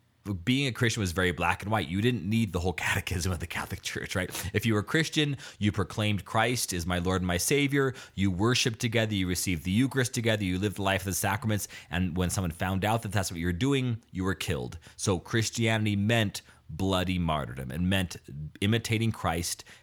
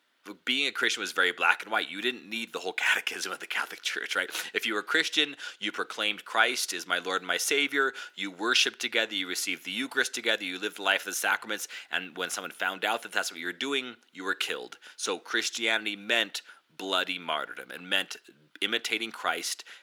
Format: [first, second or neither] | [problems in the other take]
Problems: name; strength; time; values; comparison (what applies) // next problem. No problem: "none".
first | thin; very; fading below 300 Hz